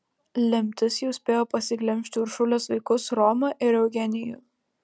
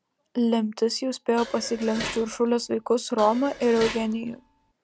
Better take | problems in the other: first | background sound (Dishes, pots, and pans); 13 dB below the speech

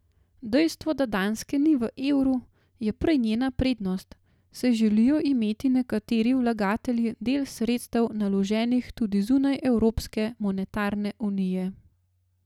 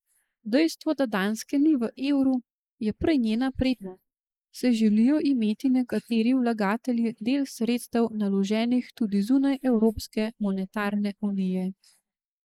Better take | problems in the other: first | noise reduction (neural mask model Resemble Enhance denoiser)

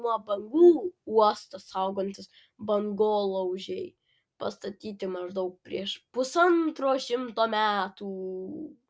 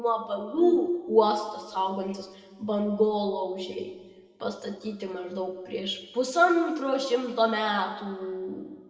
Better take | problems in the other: first | room echo; dies away in 1.6 s

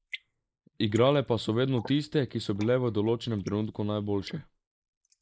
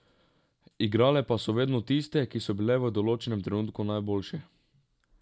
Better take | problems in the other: second | noise reduction (neural mask model Resemble Enhance denoiser)

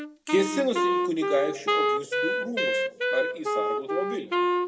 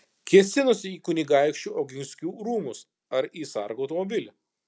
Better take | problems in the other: second | background sound (Wind instrument, woodwind instrument); 3 dB above the speech // room echo; dies away in 0.9 s

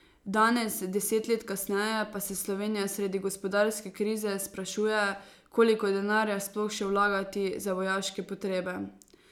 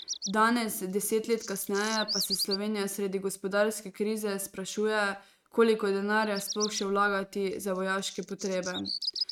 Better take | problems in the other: first | noise reduction (neural mask model RNNoise)

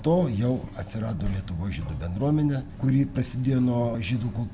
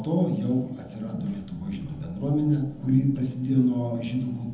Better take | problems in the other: first | room echo; dies away in 0.8 s

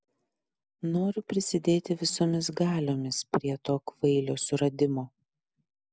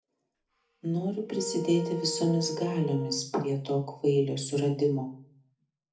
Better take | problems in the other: first | background sound (Wind instrument, woodwind instrument); 8 dB below the speech // room echo; dies away in 0.4 s

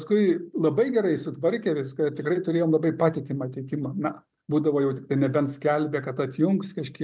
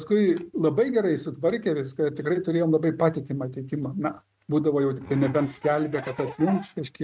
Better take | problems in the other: first | noise reduction (neural mask model RNNoise)

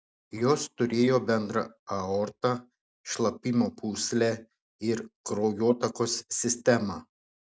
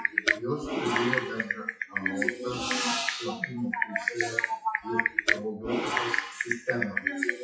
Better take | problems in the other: first | noise reduction (classical method WPE with log-MMSE)

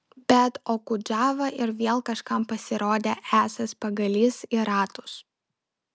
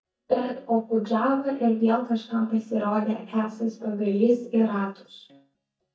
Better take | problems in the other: first | noise reduction (neural mask model DeepFilterNet 3)

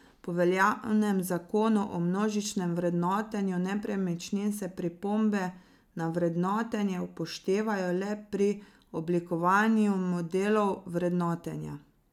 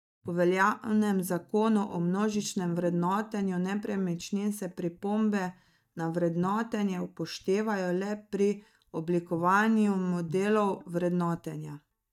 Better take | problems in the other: first | noise reduction (neural mask model DeepFilterNet 3)

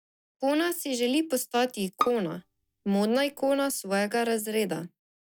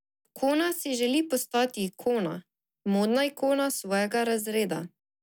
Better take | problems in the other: second | noise reduction (neural mask model DeepFilterNet 3)

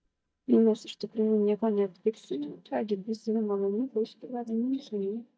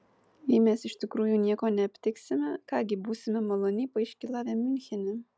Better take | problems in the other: second | noise reduction (neural mask model DeepFilterNet 3)

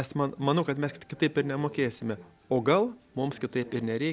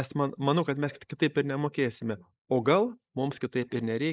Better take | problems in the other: first | noise reduction (neural mask model Resemble Enhance denoiser)

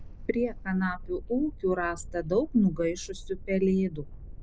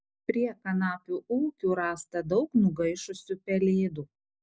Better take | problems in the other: second | background sound (Thunderstorm); 12 dB below the speech

